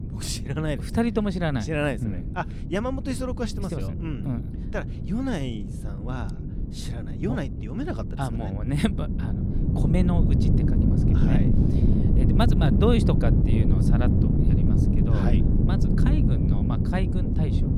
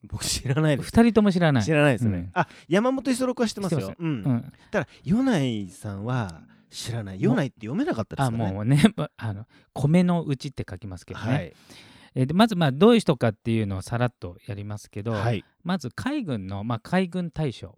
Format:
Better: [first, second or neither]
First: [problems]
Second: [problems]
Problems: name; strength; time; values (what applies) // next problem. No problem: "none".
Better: second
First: wind noise on the microphone; heavy; 2 dB below the speech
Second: none